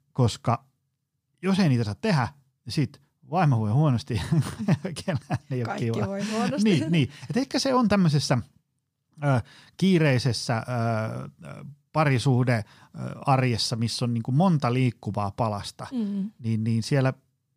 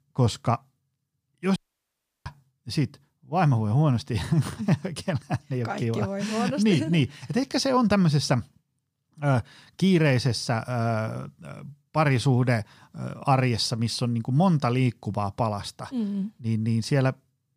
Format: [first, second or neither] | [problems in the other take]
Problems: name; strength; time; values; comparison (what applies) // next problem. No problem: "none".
first | audio cutting out; at 1.5 s for 0.5 s